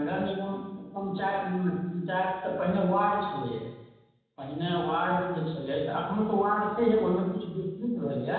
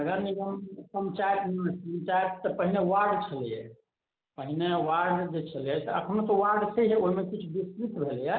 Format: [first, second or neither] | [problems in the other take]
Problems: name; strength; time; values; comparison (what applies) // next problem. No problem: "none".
second | room echo; dies away in 1.1 s